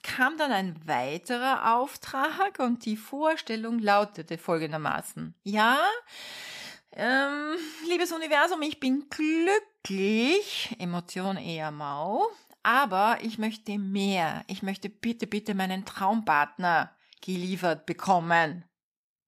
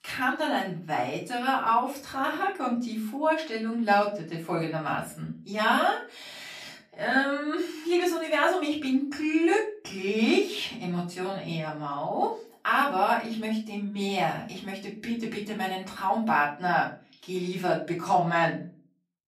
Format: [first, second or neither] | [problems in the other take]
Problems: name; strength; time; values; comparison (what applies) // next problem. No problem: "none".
first | off-mic speech; far // room echo; slight; dies away in 0.3 s